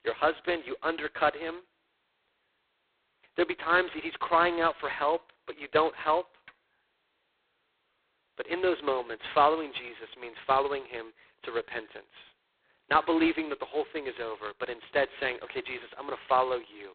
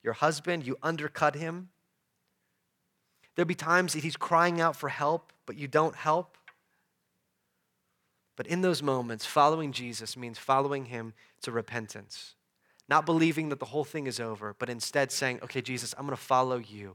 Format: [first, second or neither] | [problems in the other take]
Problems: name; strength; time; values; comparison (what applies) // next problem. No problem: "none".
second | phone-call audio; poor line; nothing above 4 kHz